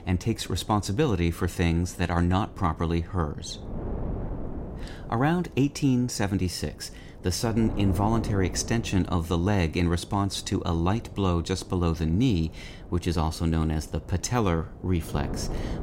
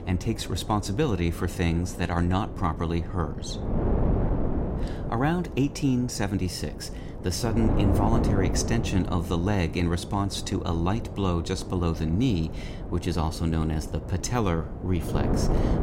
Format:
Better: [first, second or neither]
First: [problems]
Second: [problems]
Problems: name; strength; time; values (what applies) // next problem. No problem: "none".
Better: first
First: wind noise on the microphone; occasional gusts; 15 dB below the speech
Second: wind noise on the microphone; heavy; 6 dB below the speech